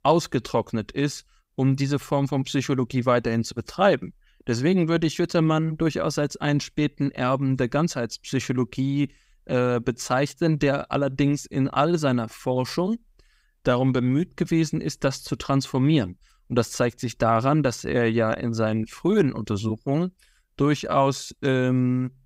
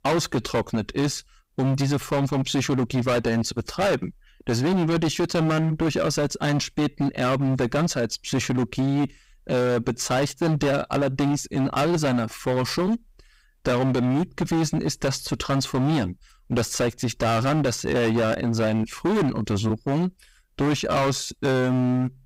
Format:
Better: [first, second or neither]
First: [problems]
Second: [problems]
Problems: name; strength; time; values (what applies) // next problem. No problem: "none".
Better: first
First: none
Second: distortion; heavy; 22% of the sound clipped